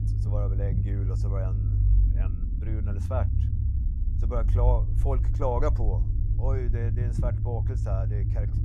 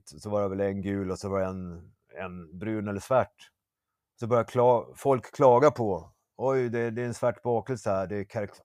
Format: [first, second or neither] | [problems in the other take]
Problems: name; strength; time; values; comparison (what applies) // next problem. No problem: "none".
second | low rumble; loud; throughout; 7 dB below the speech